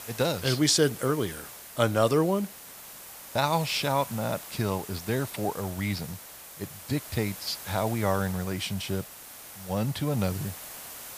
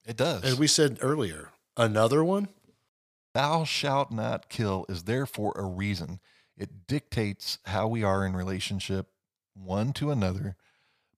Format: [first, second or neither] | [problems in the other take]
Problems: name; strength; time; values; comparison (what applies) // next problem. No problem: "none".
second | hiss; noticeable; throughout; 15 dB below the speech